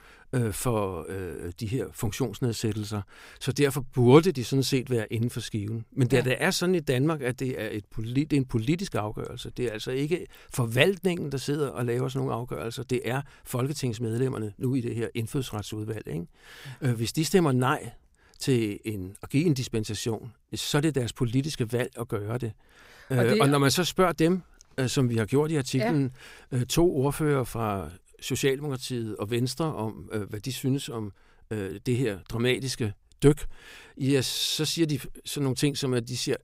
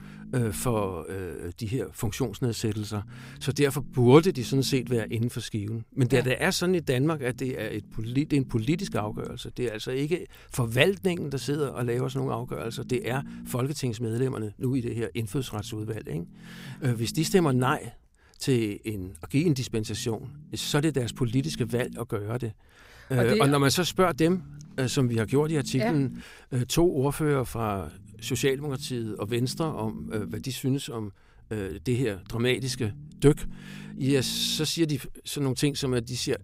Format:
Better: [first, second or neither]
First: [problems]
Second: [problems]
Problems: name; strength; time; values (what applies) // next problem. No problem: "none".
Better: first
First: none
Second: low rumble; faint; throughout; 20 dB below the speech